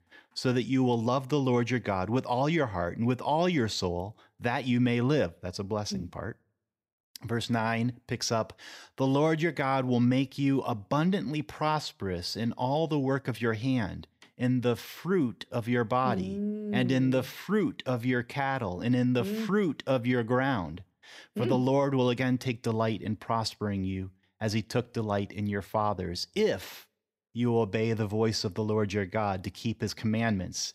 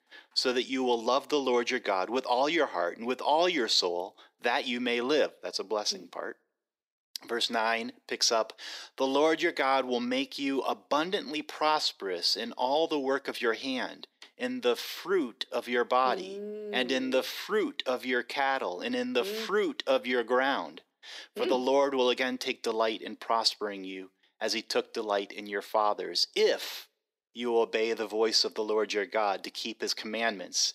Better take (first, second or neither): first